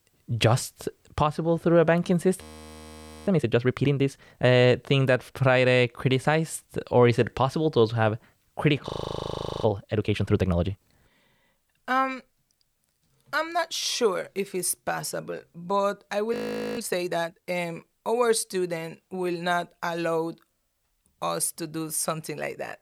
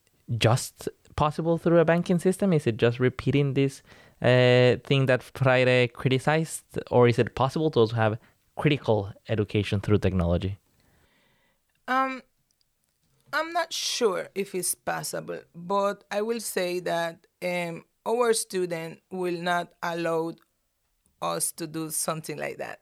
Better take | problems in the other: second | audio freezing; at 2.5 s for 1 s, at 9 s for 1 s and at 16 s

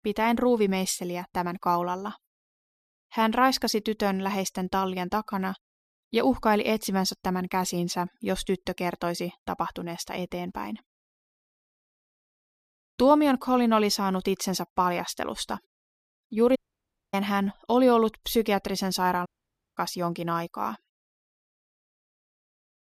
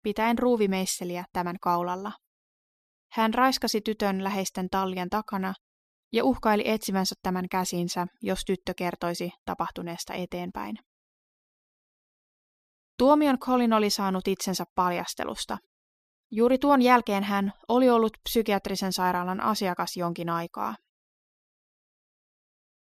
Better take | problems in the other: second | audio cutting out; at 17 s for 0.5 s and at 19 s for 0.5 s

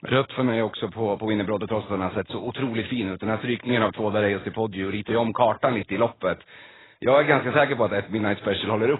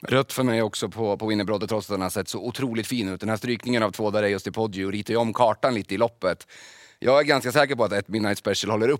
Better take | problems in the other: second | garbled, watery; badly; nothing above 4 kHz

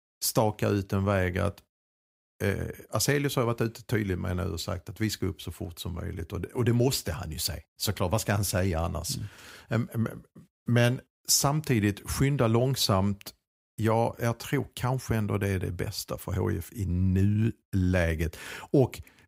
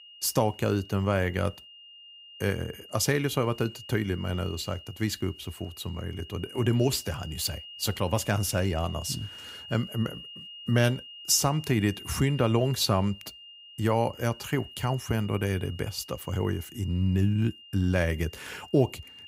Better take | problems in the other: first | high-pitched whine; noticeable; throughout; 3 kHz, 15 dB below the speech

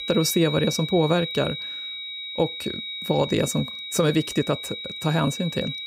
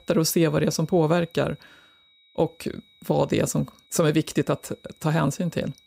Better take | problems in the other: second | high-pitched whine; loud; throughout; 4 kHz, 7 dB below the speech; faint in the second

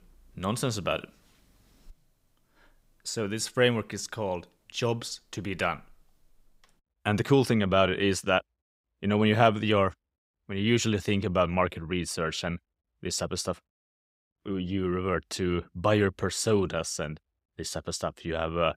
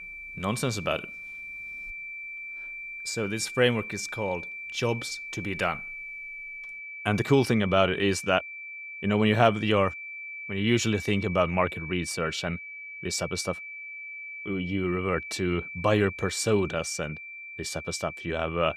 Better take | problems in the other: first | high-pitched whine; loud; throughout; 2.5 kHz, 10 dB below the speech

